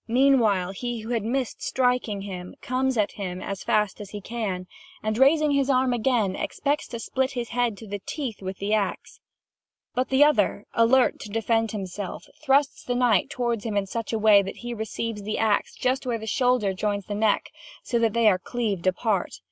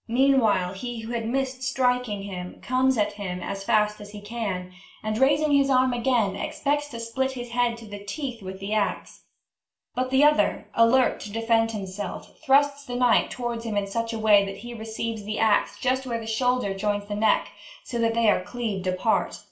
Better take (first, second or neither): first